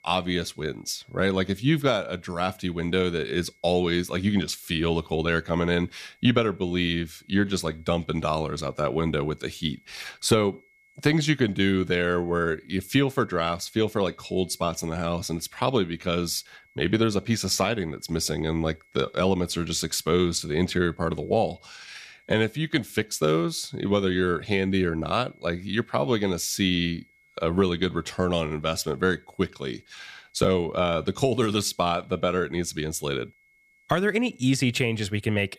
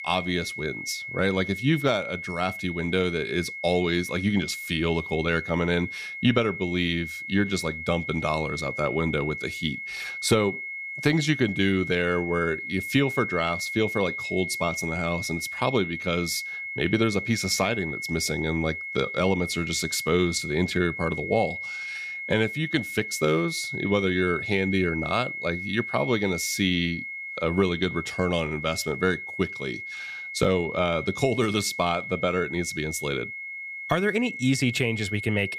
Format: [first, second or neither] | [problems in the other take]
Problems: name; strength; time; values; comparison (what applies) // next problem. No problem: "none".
first | high-pitched whine; loud; throughout; 2 kHz, 6 dB below the speech; faint in the first